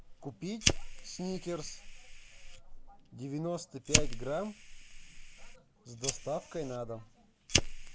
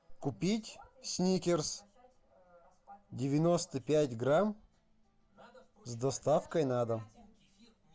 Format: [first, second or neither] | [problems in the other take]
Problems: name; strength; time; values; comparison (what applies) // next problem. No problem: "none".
second | background sound (Fire); 4 dB above the speech